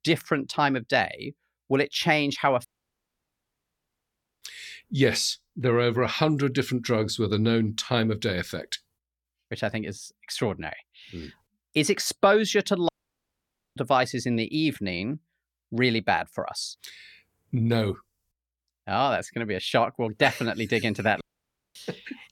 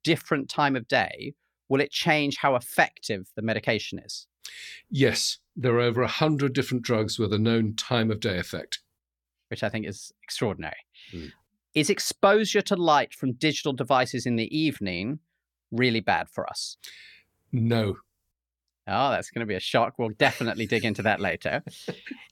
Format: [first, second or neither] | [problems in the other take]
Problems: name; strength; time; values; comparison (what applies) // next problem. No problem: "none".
second | audio cutting out; at 2.5 s for 2 s, at 13 s for 1 s and at 21 s for 0.5 s